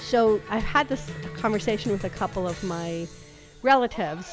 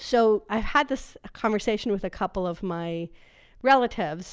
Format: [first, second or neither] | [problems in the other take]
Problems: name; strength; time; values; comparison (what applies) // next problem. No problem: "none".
second | background sound (Cheering); 13 dB below the speech